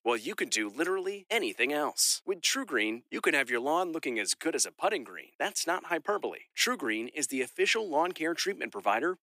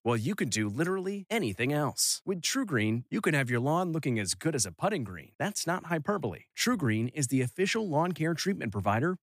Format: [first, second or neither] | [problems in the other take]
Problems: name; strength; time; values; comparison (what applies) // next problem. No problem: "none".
second | thin; somewhat; fading below 350 Hz